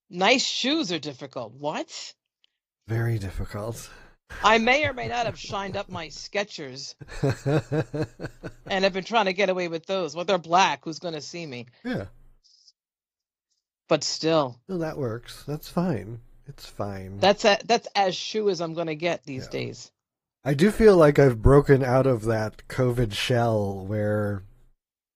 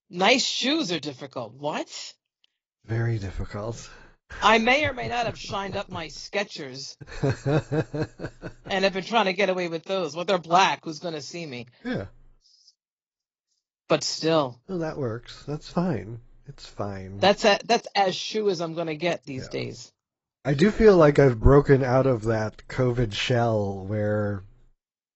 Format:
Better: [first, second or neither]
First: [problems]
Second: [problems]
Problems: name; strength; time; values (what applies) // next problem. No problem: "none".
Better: first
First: garbled, watery; slightly; nothing above 15 kHz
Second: garbled, watery; badly; nothing above 7.5 kHz